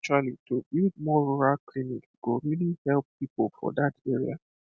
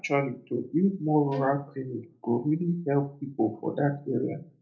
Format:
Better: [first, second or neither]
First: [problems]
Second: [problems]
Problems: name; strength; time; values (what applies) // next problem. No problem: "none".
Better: first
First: none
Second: noise reduction (neural separator model SepFormer DNS4)